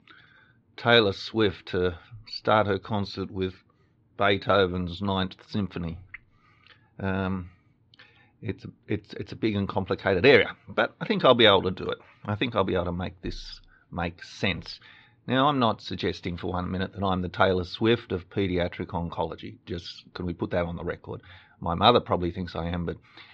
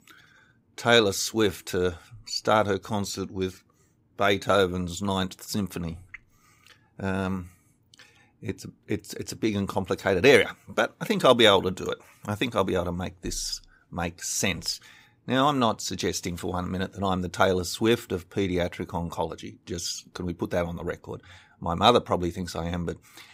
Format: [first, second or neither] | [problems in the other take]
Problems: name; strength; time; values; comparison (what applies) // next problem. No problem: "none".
second | muffled; slightly; fading above 4 kHz